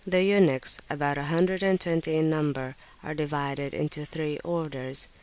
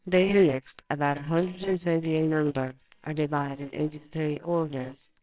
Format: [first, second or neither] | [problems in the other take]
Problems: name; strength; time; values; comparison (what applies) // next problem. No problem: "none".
first | noise reduction (neural separator model SepFormer WHAMR!)